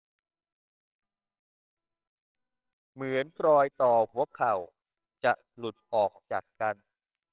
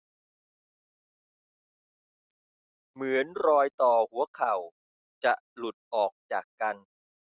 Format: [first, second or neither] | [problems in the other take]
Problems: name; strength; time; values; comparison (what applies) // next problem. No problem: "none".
second | noise reduction (neural separator model SepFormer WHAMR!)